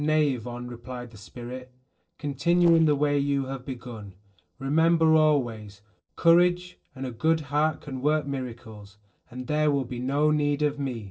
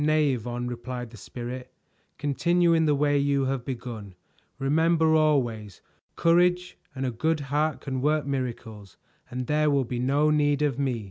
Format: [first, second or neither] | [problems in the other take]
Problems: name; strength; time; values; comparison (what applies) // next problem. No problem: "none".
second | noise reduction (neural separator model SepFormer DNS4)